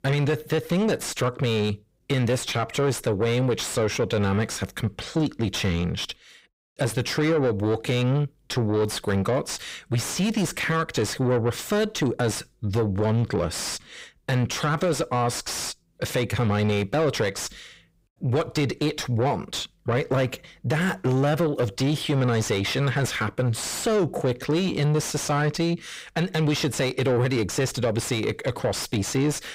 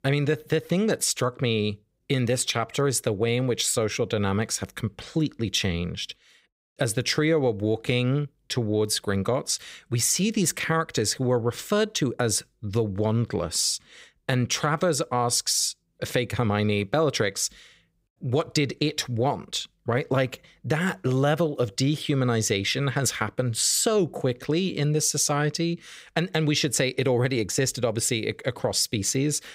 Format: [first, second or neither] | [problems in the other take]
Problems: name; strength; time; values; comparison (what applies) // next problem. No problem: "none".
second | distortion; heavy; 7 dB below the speech